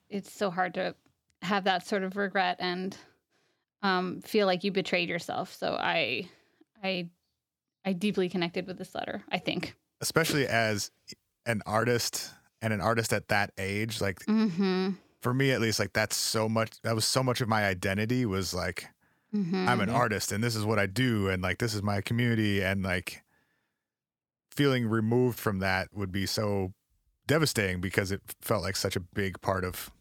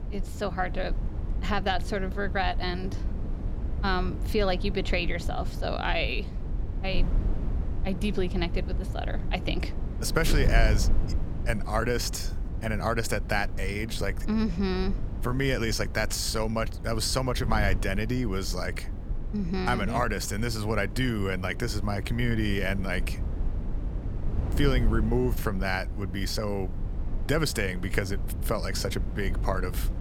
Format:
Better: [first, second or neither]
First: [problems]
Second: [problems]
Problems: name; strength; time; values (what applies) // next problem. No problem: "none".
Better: first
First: none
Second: wind noise on the microphone; occasional gusts; 15 dB below the speech